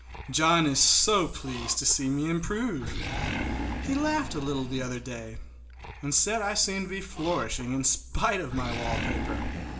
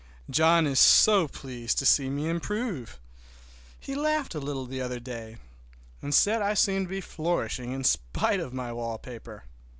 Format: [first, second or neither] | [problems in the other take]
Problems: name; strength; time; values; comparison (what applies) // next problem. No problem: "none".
second | background sound (Animal); 8 dB below the speech // room echo; dies away in 0.4 s